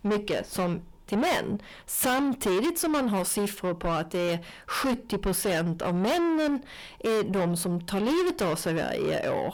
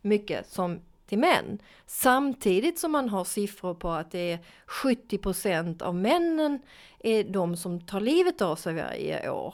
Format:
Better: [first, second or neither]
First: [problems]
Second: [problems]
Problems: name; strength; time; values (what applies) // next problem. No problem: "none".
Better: second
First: distortion; heavy; 6 dB below the speech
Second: none